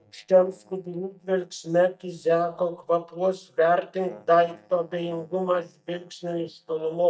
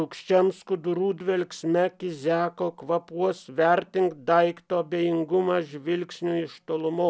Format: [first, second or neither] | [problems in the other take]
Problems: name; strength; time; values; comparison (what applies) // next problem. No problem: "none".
second | noise reduction (neural mask model DeepFilterNet 3)